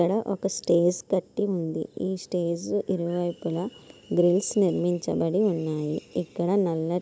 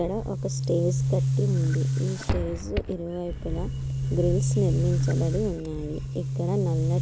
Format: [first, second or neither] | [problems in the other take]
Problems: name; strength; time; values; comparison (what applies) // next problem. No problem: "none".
first | background sound (Boom); 4 dB above the speech